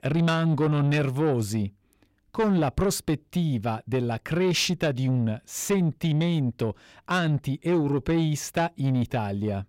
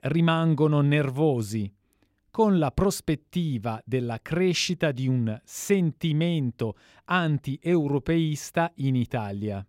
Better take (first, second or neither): second